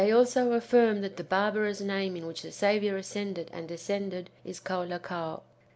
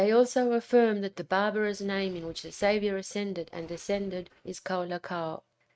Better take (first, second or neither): first